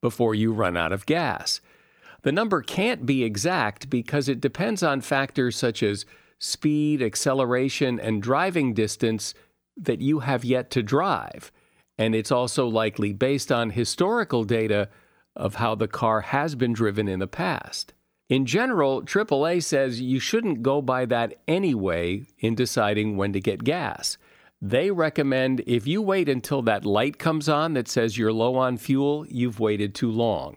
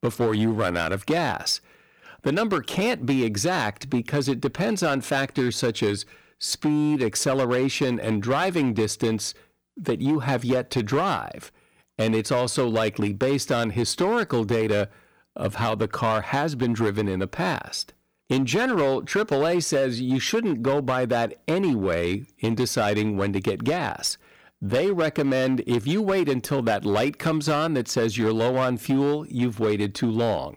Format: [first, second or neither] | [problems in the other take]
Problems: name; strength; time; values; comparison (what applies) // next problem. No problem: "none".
first | distortion; slight; 9% of the sound clipped